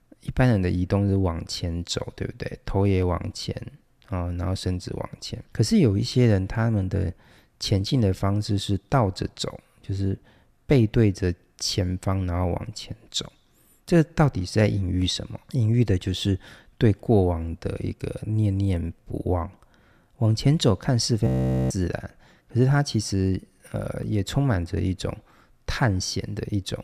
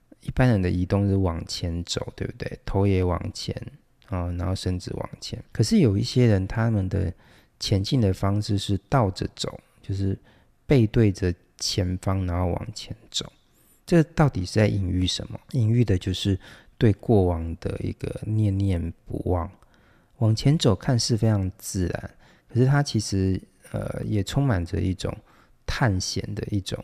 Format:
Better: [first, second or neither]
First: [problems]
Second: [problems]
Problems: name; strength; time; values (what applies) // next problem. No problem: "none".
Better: second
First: audio freezing; at 21 s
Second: none